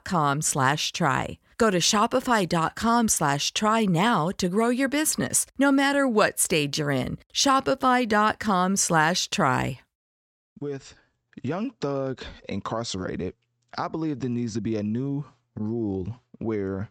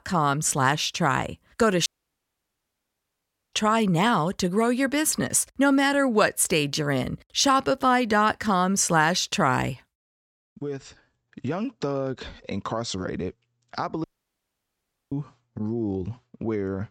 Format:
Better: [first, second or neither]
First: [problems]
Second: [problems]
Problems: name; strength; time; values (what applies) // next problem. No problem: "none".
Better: first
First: none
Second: audio cutting out; at 2 s for 1.5 s and at 14 s for 1 s